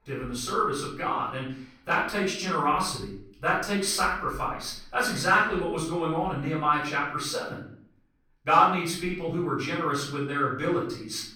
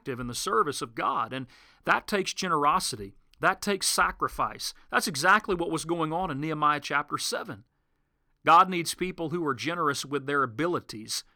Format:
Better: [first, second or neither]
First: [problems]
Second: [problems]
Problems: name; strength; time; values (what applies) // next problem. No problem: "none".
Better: second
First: off-mic speech; far // room echo; noticeable; dies away in 0.5 s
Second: none